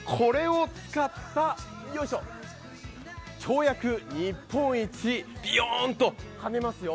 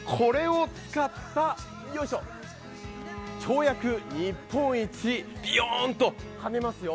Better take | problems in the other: first | background sound (Bowed string instrument); 18 dB below the speech

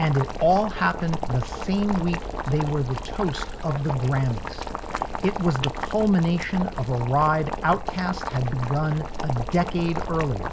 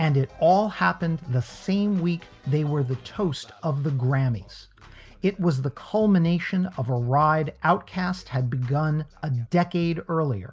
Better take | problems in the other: second | background sound (Boiling); 6 dB below the speech

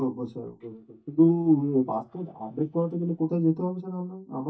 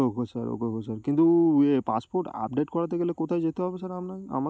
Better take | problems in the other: second | noise reduction (neural mask model DeepFilterNet 3)

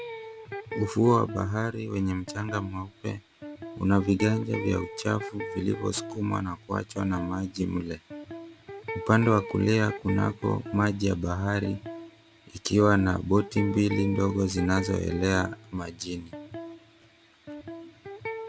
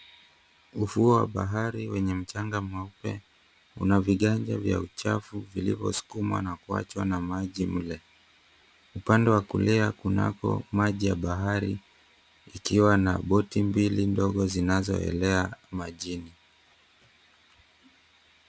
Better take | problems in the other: second | background sound (Electric guitar); 12 dB below the speech

